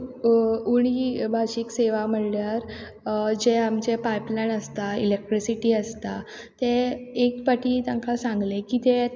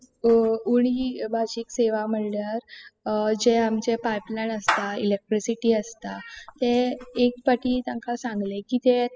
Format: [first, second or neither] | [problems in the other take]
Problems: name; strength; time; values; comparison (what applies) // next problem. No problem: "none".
first | noise reduction (classical method spectral subtraction)